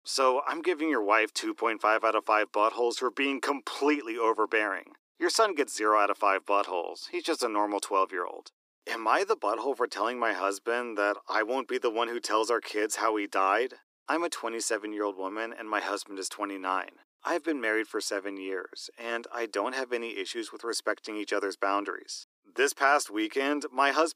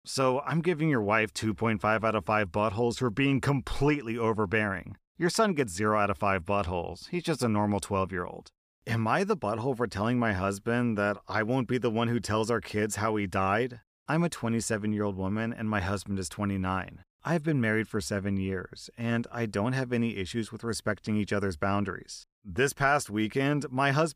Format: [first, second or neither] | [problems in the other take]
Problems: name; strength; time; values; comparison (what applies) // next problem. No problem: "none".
second | thin; somewhat; fading below 300 Hz